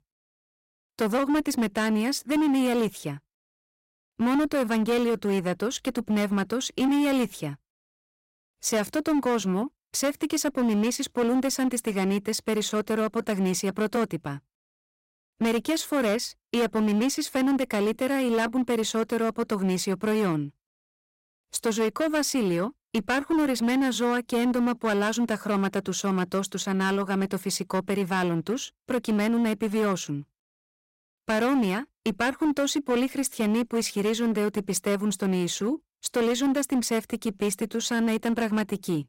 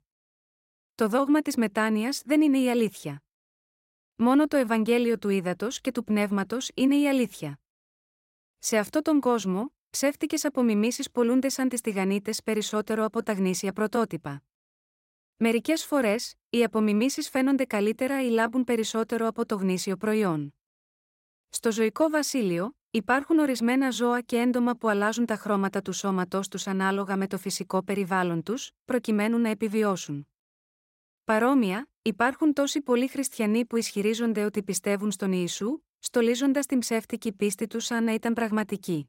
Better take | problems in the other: second | distortion; slight; 13% of the sound clipped

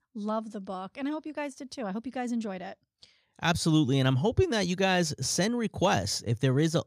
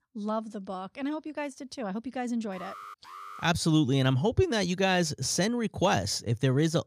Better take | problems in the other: first | alarm; faint; at 2.5 s; peak 15 dB below the speech

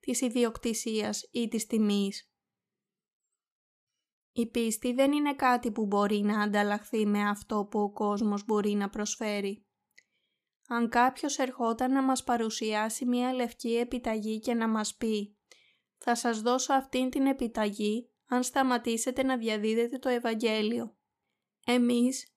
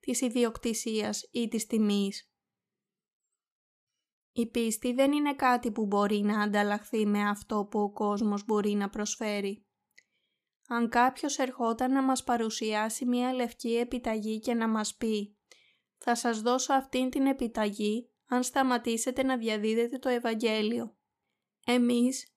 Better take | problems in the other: neither | none

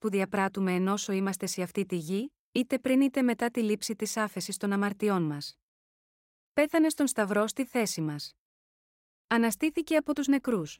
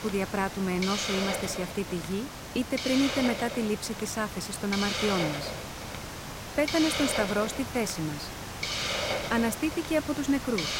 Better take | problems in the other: first | hiss; loud; throughout; 3 dB below the speech

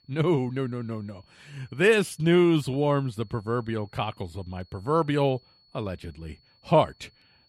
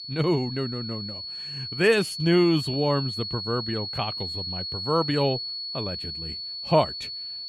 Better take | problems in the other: first | high-pitched whine; loud; throughout; 4.5 kHz, 6 dB below the speech; faint in the first

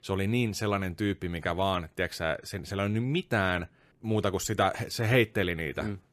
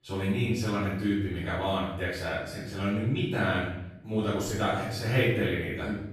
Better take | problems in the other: first | off-mic speech; far // room echo; strong; dies away in 0.7 s

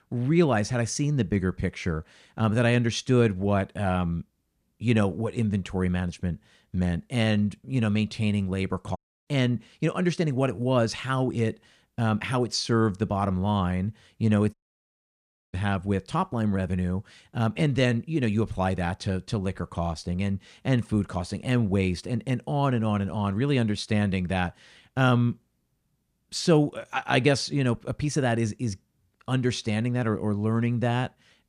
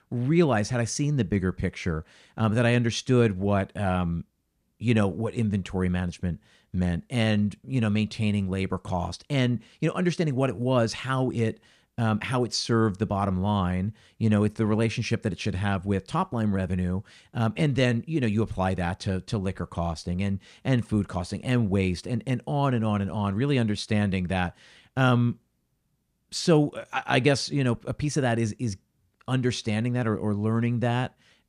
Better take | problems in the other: second | audio cutting out; at 9 s and at 15 s for 1 s

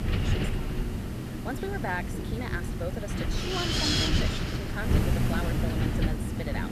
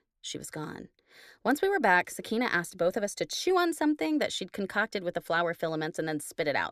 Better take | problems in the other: second | wind noise on the microphone; heavy; 3 dB above the speech

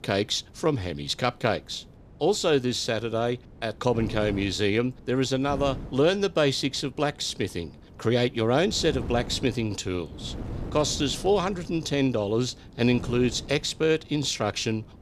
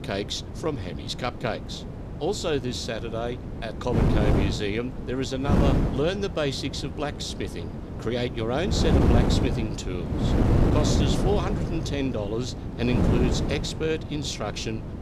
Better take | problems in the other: first | wind noise on the microphone; heavy; 3 dB below the speech; occasional gusts in the first

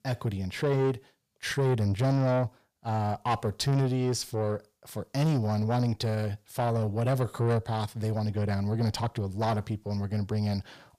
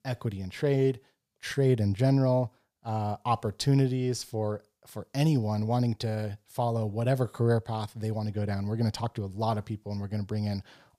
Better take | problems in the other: second | distortion; slight; 10 dB below the speech

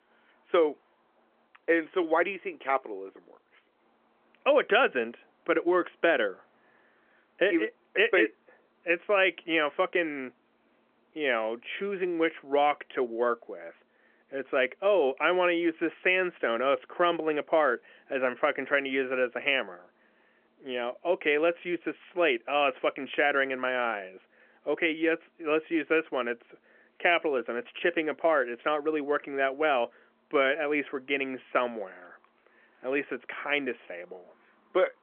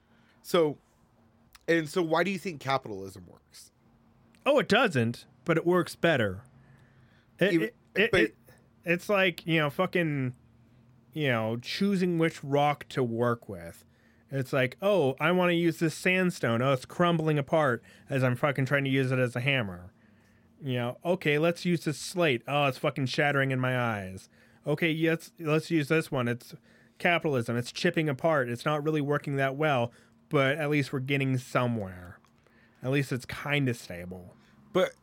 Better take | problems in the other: second | phone-call audio; nothing above 3 kHz

